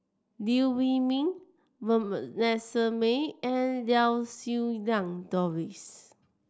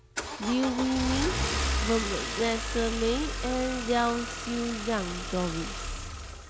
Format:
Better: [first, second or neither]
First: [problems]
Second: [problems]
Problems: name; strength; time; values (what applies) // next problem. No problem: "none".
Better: first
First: none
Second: background sound (Engine starting / Car); 2 dB below the speech